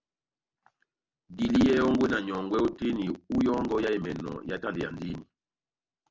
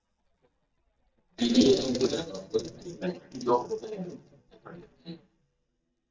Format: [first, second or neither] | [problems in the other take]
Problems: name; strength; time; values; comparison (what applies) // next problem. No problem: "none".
first | noise reduction (neural mask model DeepFilterNet 3)